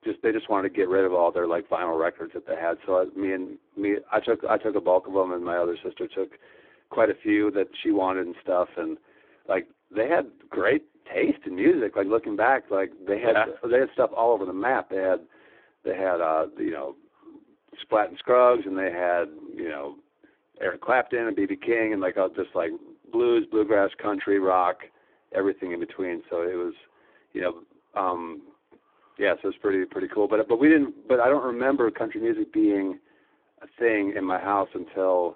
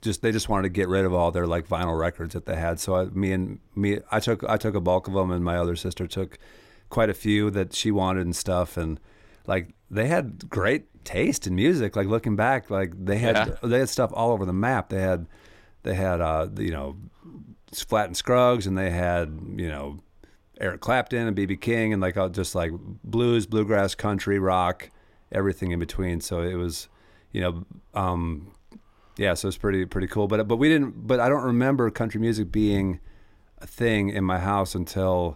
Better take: second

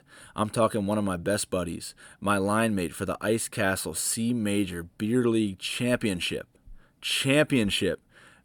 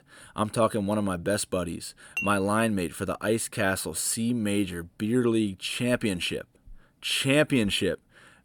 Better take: first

